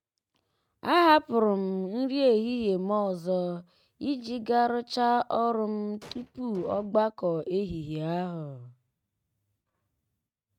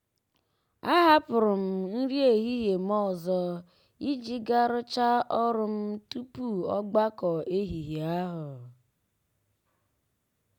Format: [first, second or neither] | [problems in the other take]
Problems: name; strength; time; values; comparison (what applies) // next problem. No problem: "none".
second | noise reduction (neural mask model RNNoise)